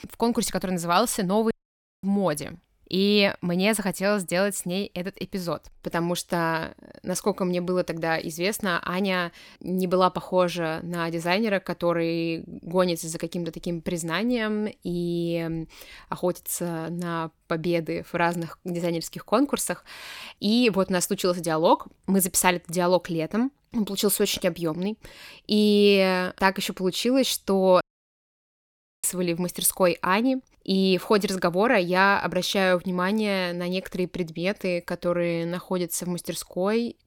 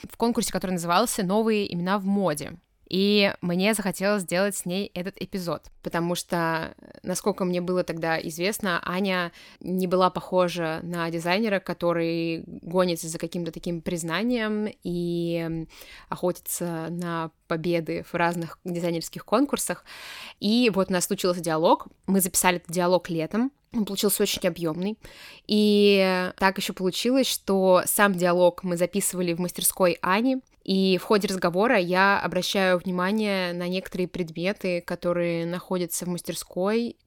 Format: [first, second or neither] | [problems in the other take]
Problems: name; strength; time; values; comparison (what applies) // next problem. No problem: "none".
second | audio cutting out; at 1.5 s for 0.5 s and at 28 s for 1 s